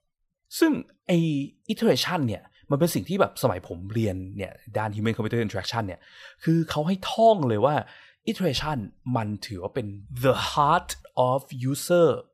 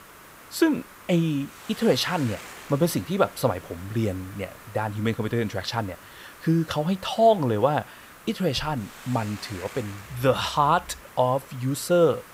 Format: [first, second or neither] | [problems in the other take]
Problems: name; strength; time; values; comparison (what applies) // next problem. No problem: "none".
first | hiss; noticeable; throughout; 20 dB below the speech